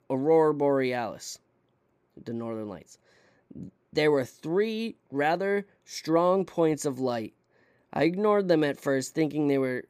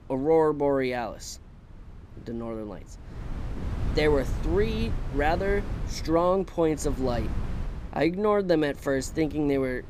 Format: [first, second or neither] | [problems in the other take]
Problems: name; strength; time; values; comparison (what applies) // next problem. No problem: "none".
first | wind noise on the microphone; occasional gusts; 15 dB below the speech